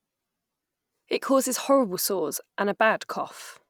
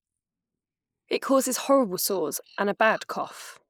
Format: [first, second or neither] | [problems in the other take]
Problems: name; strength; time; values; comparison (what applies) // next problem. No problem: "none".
first | noise reduction (neural mask model Resemble Enhance denoiser)